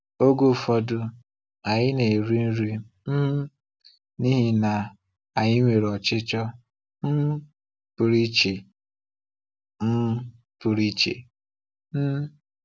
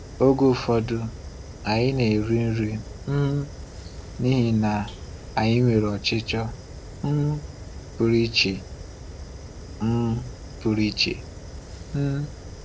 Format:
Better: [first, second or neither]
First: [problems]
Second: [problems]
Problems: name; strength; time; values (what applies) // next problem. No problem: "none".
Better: first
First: none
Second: background sound (Fire); 13 dB below the speech